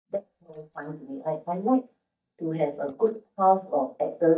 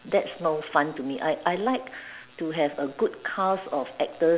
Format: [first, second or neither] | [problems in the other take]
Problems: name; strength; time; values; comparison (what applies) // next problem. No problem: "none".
second | noise reduction (neural mask model DeepFilterNet 3)